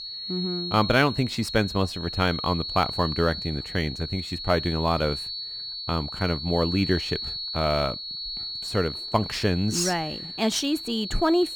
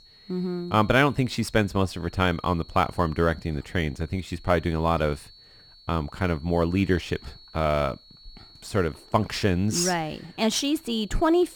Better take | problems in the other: second | high-pitched whine; loud; throughout; 4.5 kHz, 6 dB below the speech; faint in the second

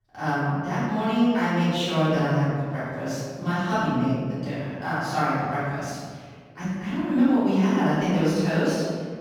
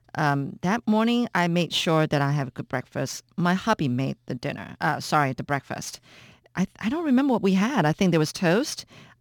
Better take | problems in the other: second | off-mic speech; far // room echo; strong; dies away in 1.6 s

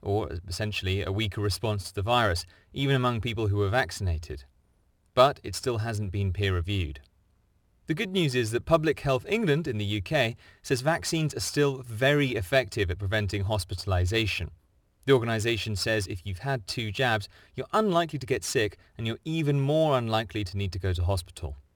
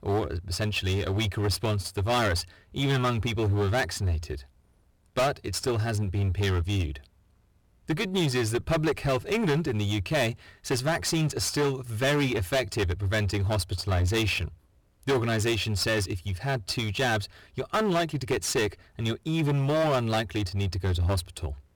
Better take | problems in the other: first | distortion; heavy; 13% of the sound clipped

